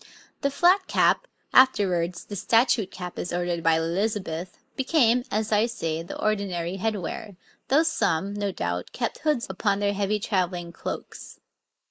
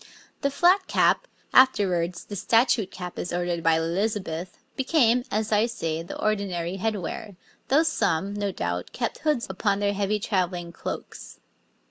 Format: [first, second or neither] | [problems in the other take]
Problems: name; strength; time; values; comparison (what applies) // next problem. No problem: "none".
second | noise reduction (neural mask model Resemble Enhance denoiser)